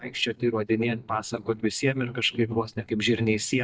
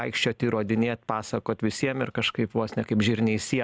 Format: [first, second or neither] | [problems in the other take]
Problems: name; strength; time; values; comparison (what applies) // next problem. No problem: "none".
second | noise reduction (neural mask model DeepFilterNet 3)